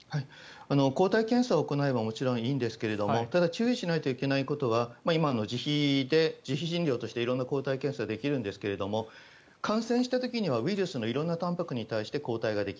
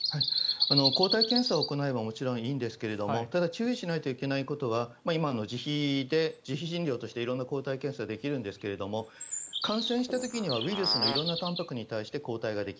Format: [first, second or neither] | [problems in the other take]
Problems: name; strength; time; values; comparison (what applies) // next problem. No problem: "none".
first | background sound (Fart + Bird vocalization, bird call, bird song); 4 dB below the speech